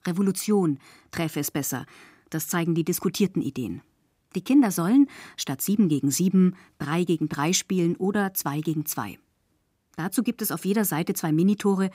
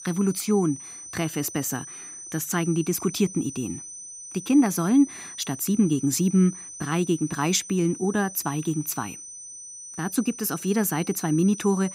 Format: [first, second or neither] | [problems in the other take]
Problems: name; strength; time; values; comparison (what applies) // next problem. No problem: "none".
first | high-pitched whine; noticeable; throughout; 6 kHz, 10 dB below the speech